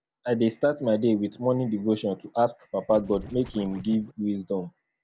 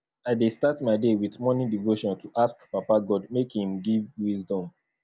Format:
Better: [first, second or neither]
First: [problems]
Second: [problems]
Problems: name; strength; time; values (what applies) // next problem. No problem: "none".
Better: second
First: background sound (Scratching (performance technique)); 16 dB below the speech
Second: none